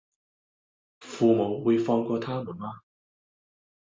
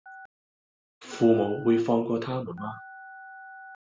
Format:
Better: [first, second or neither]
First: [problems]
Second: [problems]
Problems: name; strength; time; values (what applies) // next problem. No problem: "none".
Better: first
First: none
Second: background sound (Telephone); 19 dB below the speech